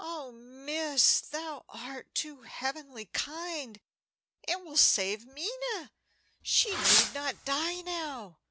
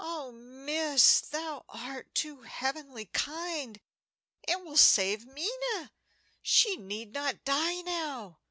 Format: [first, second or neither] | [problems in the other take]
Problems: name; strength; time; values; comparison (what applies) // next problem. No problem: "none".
second | background sound (Fireworks); 2 dB above the speech